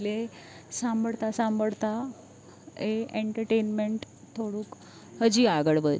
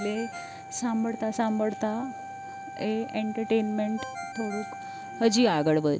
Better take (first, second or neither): first